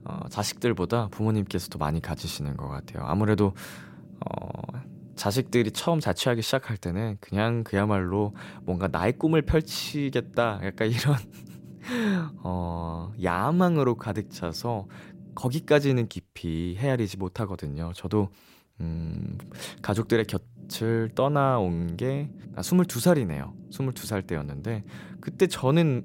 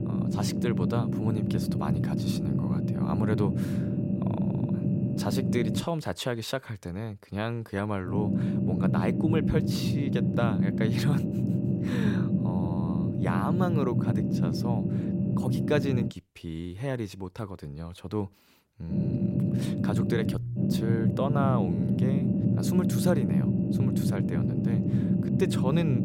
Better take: first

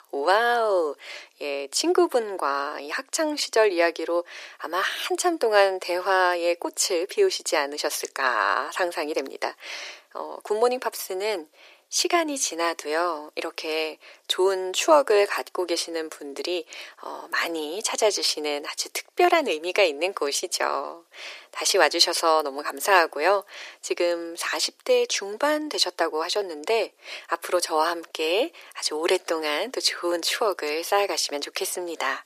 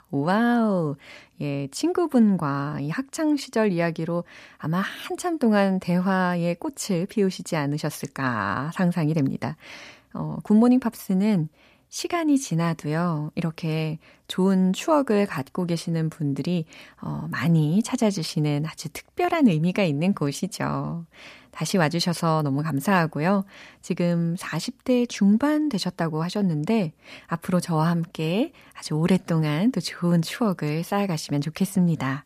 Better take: second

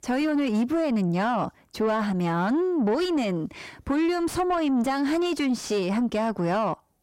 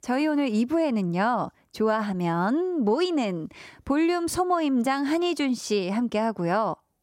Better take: second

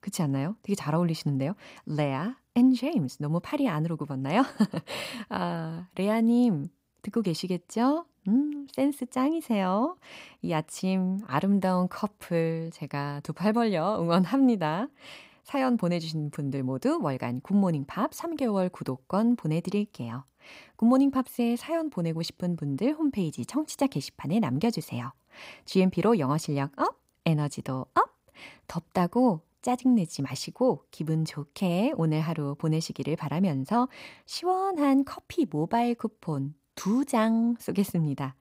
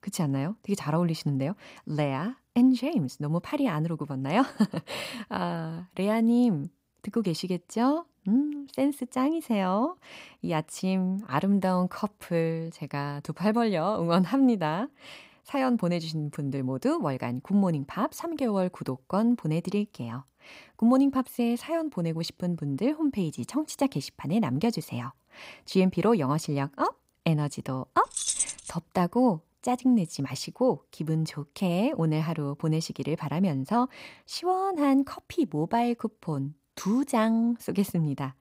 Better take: first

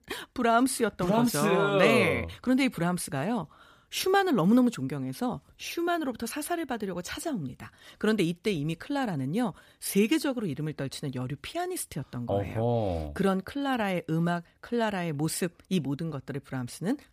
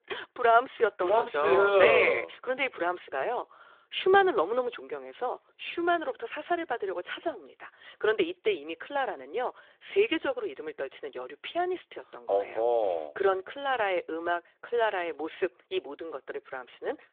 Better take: first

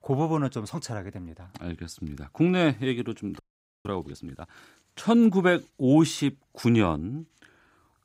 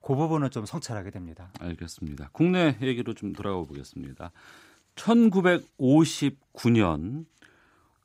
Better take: second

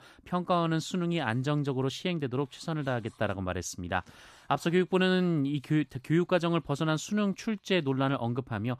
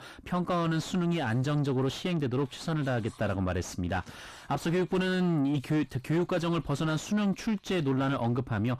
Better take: first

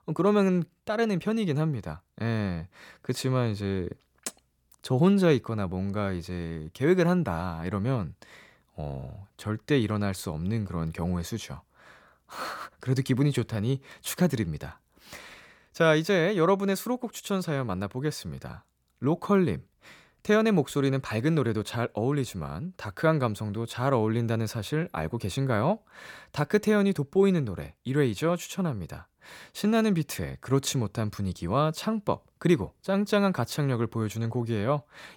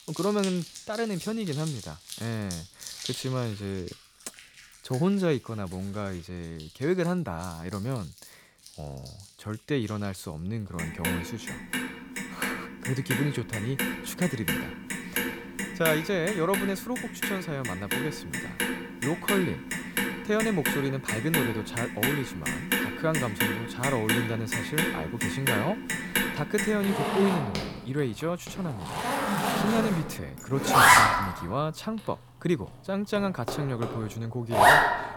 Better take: first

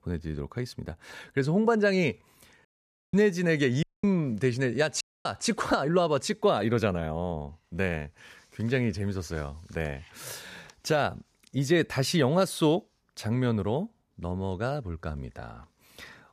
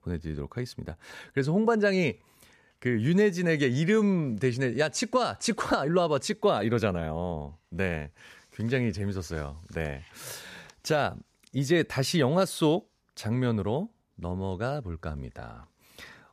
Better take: second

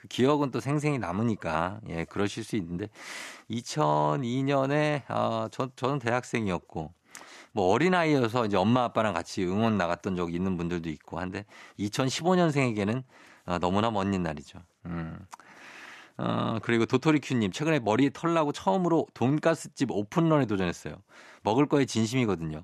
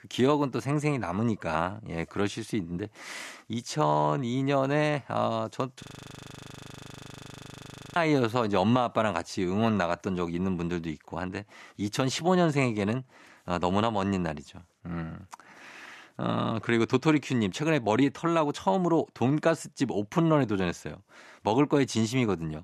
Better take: first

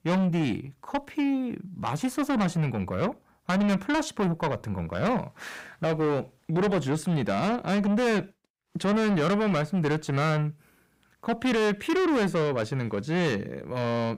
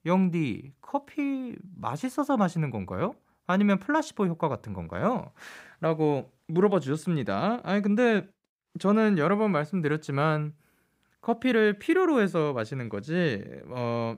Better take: second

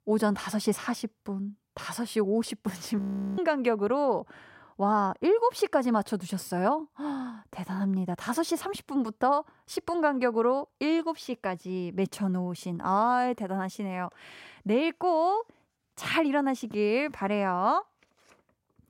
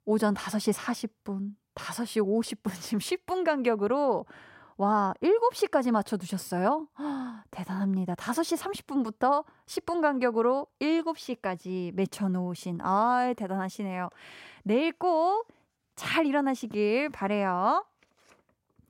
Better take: second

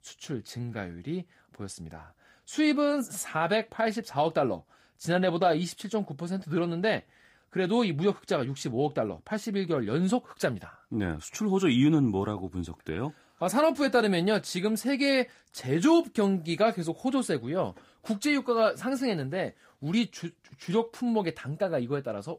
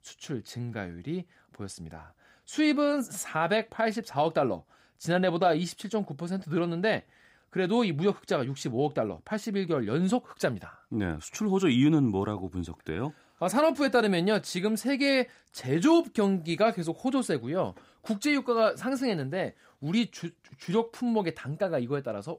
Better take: second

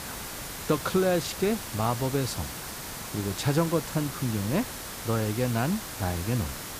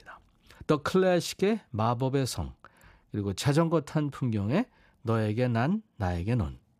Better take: second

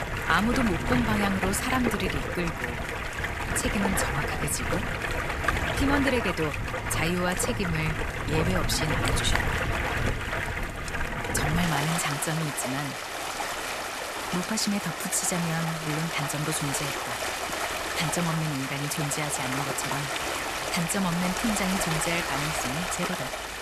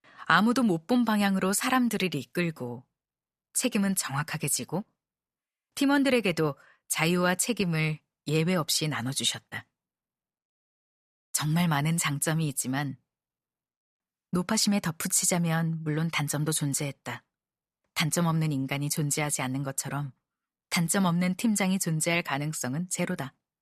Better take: second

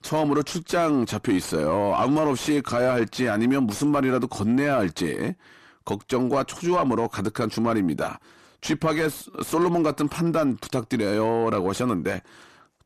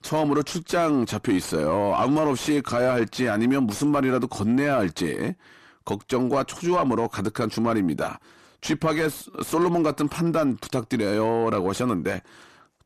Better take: neither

